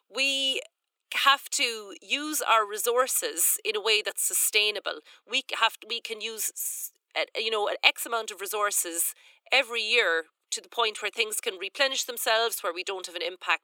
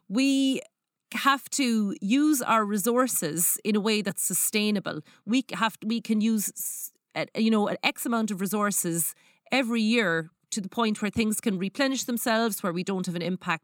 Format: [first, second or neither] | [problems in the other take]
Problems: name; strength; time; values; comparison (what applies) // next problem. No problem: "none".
second | thin; very; fading below 400 Hz